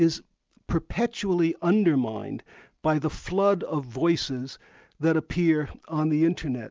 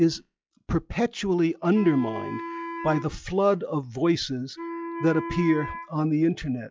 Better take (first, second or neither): first